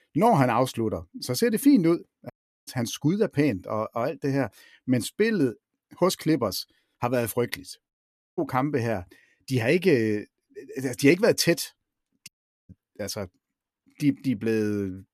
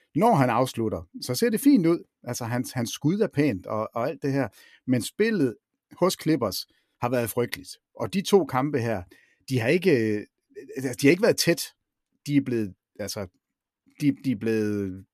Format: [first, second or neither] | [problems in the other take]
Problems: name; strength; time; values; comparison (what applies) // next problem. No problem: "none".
second | audio cutting out; at 2.5 s, at 8 s and at 12 s